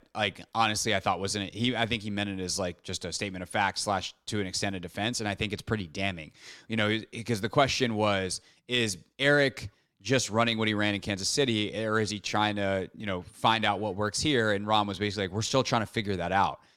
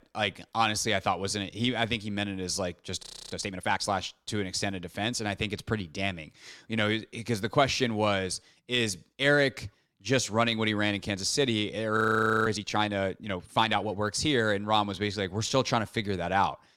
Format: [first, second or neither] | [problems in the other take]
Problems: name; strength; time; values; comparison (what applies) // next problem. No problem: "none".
first | audio freezing; at 3 s and at 12 s